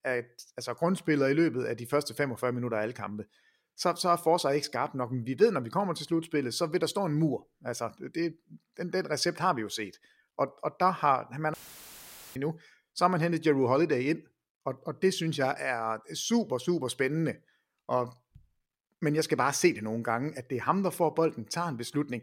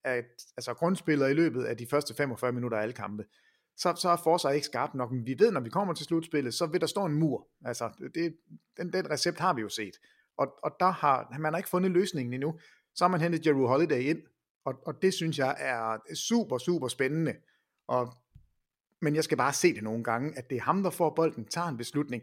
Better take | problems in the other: second | audio cutting out; filled with static; at 12 s for 1 s

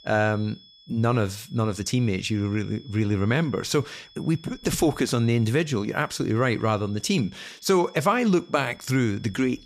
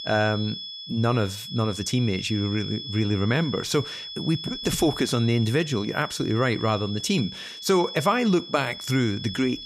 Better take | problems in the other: first | high-pitched whine; loud; throughout; 3.5 kHz, 9 dB below the speech; faint in the first

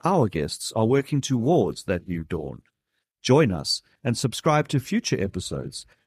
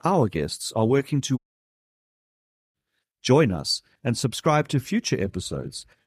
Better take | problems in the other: first | audio cutting out; at 1.5 s for 1.5 s

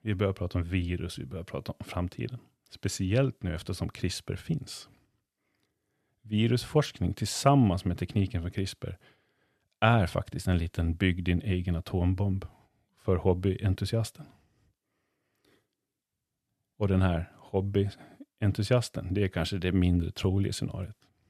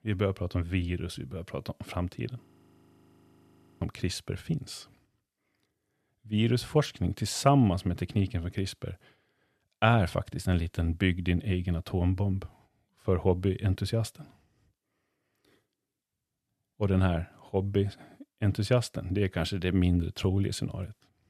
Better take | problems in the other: first | audio freezing; at 2.5 s for 1.5 s

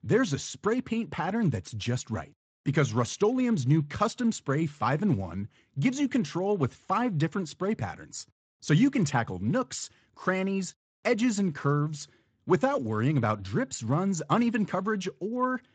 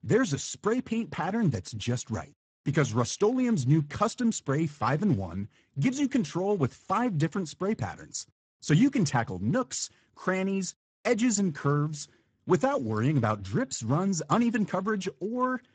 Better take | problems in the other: first | garbled, watery; badly; nothing above 7.5 kHz; slightly in the first

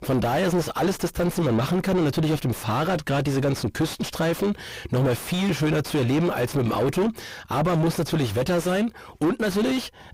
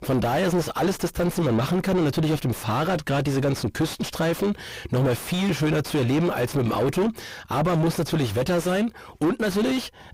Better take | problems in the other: neither | distortion; heavy; 5 dB below the speech; the same in both

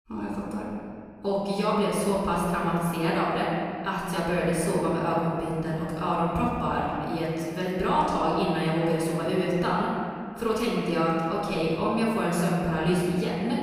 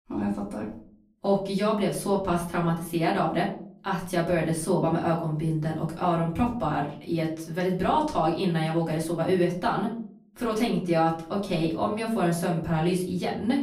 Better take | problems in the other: second | room echo; strong; dies away in 2 s; slight in the second // off-mic speech; far; far in the second

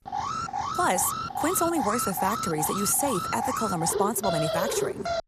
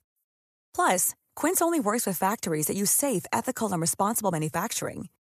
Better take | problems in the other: second | alarm; noticeable; peak 1 dB below the speech

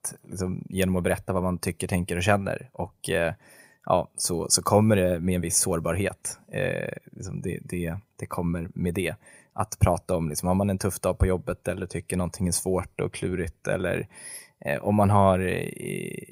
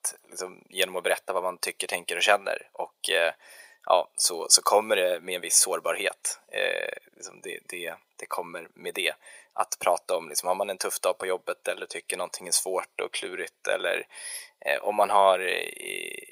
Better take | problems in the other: first | thin; very; fading below 500 Hz

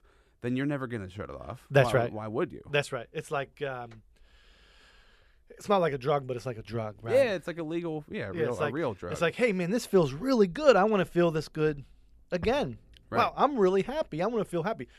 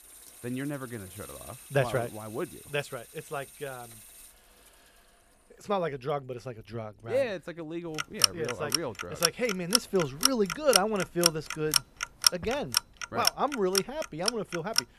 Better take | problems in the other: first | household noises; very loud; throughout; 4 dB above the speech

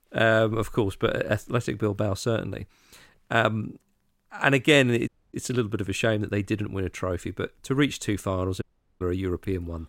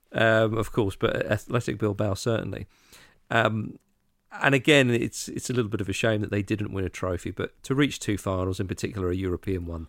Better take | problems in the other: second | audio cutting out; at 5 s and at 8.5 s

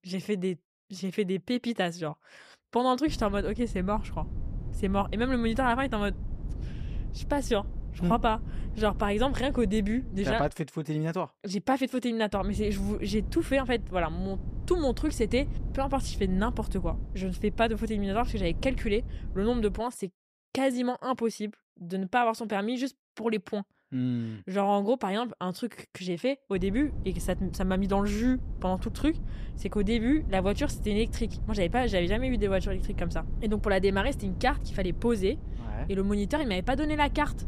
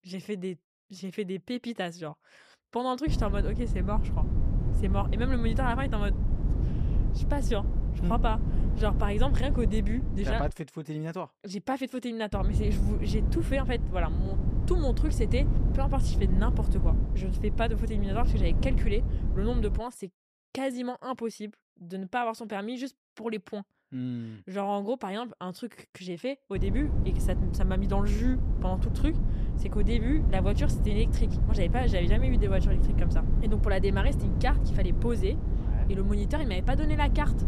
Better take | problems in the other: first | low rumble; loud; from 3 to 11 s, from 12 to 20 s and from 27 s on; 8 dB below the speech; faint in the first

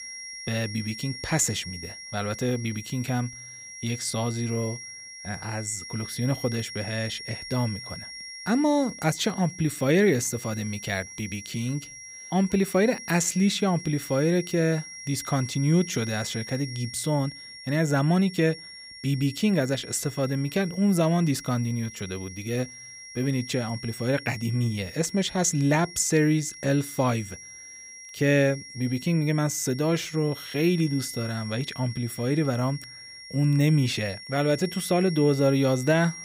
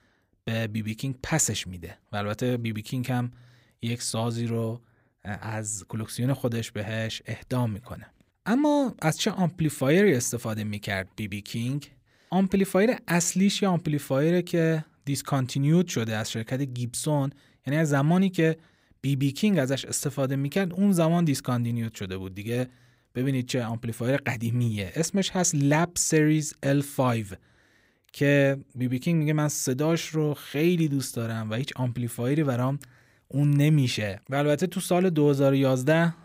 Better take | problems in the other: second | high-pitched whine; noticeable; throughout; 5.5 kHz, 15 dB below the speech

